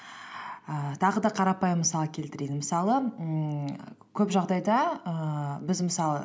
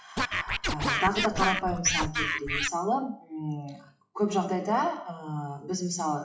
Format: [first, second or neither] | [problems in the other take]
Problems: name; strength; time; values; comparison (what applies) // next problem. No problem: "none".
first | noise reduction (classical method WPE with log-MMSE)